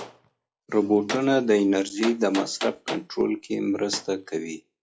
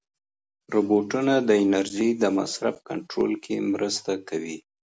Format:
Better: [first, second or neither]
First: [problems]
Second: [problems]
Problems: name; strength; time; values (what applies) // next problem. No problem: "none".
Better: second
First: noise reduction (classical method log-MMSE)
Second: none